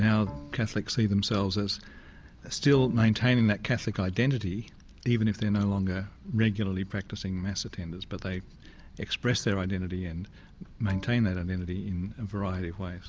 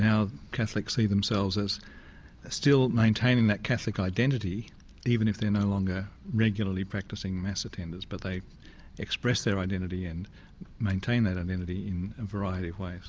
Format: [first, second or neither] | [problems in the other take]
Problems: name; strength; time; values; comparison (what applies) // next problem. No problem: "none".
second | background sound (Bowed string instrument); 20 dB below the speech